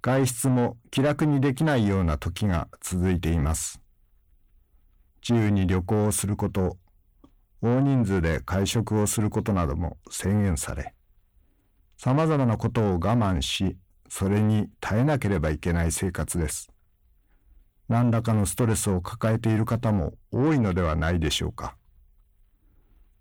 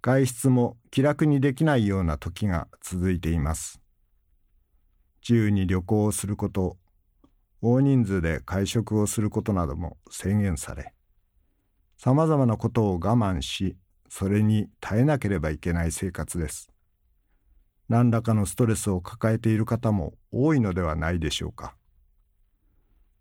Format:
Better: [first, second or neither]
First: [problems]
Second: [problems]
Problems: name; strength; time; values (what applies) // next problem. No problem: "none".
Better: second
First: distortion; slight; 10 dB below the speech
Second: none